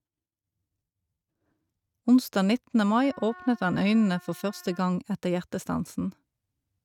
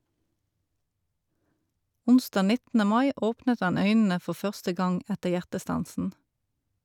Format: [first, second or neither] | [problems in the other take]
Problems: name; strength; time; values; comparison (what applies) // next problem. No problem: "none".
second | noise reduction (neural mask model RNNoise)